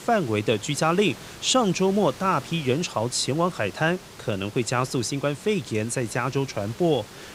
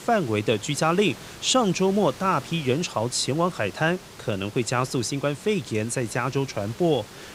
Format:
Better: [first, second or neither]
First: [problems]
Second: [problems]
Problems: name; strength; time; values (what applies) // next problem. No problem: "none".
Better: neither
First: hiss; noticeable; throughout; 20 dB below the speech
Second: hiss; noticeable; throughout; 20 dB below the speech